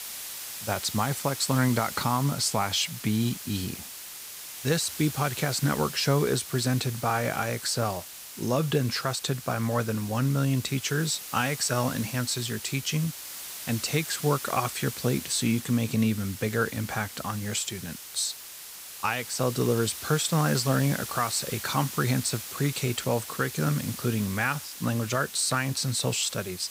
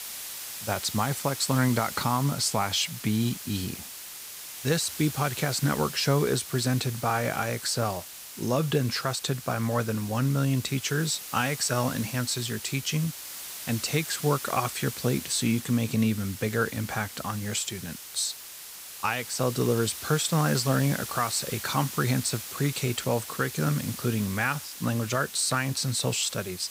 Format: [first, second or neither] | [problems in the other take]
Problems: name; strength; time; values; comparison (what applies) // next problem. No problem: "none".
neither | hiss; loud; throughout; 9 dB below the speech; the same in both